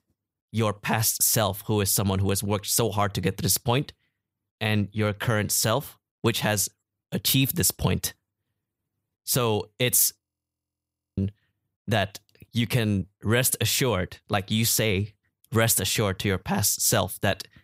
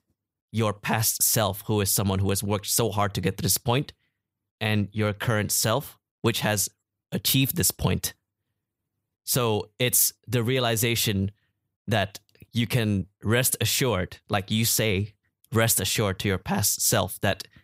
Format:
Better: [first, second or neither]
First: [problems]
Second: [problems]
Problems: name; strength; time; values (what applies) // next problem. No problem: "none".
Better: second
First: audio freezing; at 10 s for 1 s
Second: none